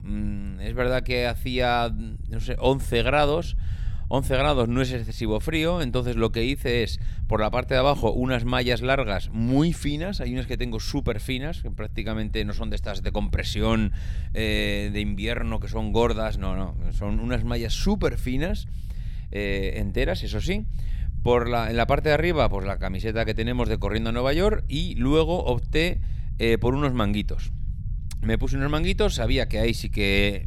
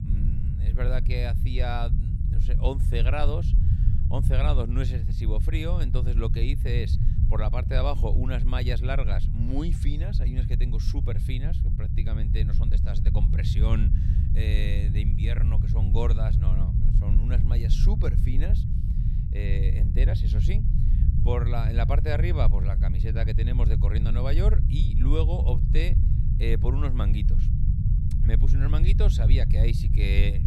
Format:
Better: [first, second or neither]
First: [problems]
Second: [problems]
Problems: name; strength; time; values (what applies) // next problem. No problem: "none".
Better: first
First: low rumble; faint; throughout; 25 dB below the speech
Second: low rumble; loud; throughout; 5 dB below the speech